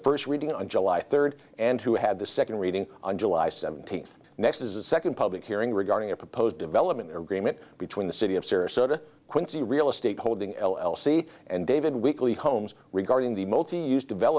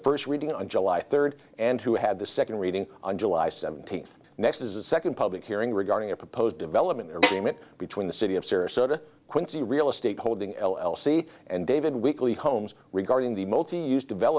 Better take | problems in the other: first | background sound (Snare drum); 2 dB below the speech

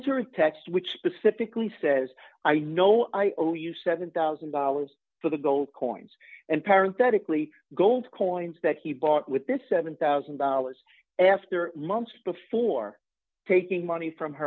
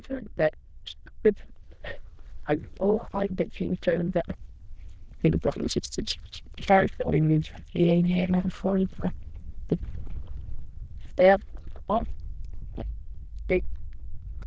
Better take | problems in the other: first | noise reduction (neural diffusion model UNIVERSE++)

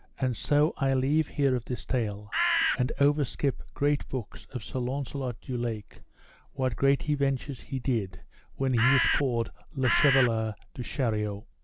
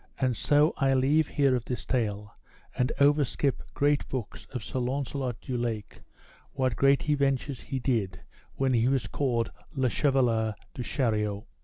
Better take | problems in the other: second | background sound (Bird); 1 dB above the speech

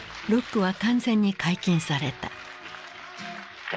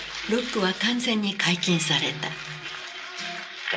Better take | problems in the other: first | room echo; dies away in 0.2 s

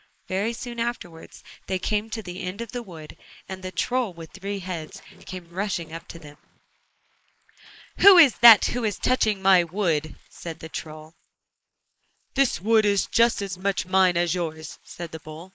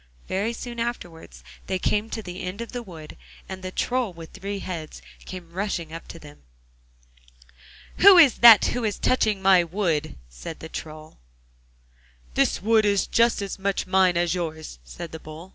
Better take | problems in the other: second | noise reduction (neural mask model Resemble Enhance denoiser)

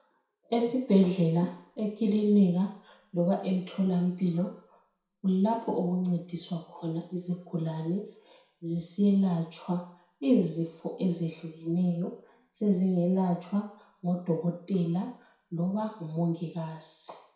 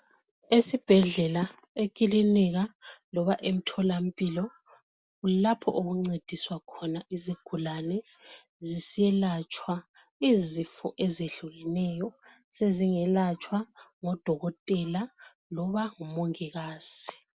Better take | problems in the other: second | room echo; dies away in 0.6 s

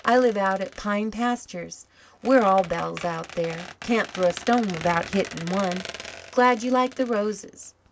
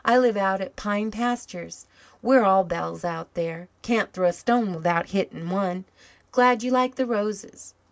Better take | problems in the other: second | background sound (Squeak); 16 dB below the speech

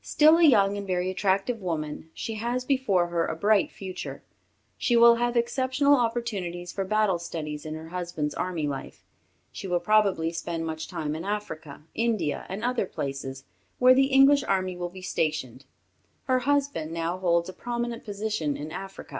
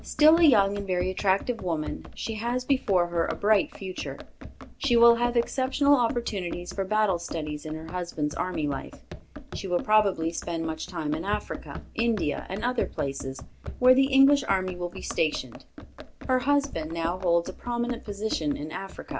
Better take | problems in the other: first | background sound (Run); 13 dB below the speech

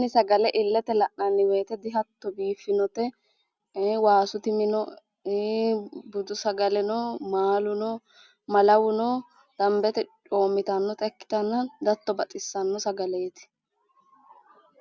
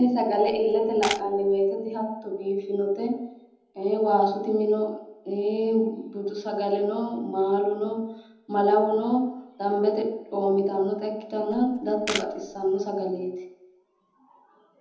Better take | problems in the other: first | background sound (Camera); 11 dB below the speech // room echo; dies away in 0.8 s

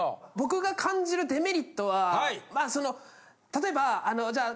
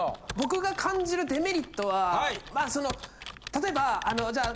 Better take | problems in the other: first | background sound (Computer keyboard); 13 dB below the speech

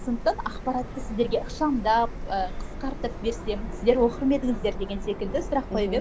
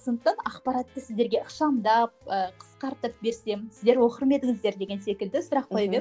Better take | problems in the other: second | background sound (Subway, metro, underground); 7 dB below the speech

